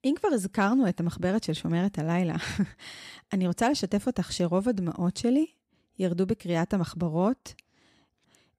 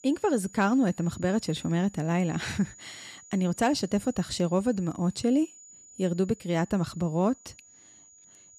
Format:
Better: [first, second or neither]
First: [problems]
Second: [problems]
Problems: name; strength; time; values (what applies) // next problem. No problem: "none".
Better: first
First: none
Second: high-pitched whine; faint; throughout; 7 kHz, 20 dB below the speech